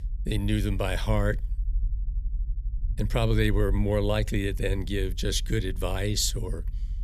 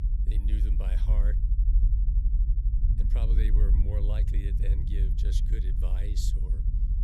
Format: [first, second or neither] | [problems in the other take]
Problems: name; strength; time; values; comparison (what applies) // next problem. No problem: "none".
first | low rumble; loud; throughout; 2 dB below the speech; faint in the first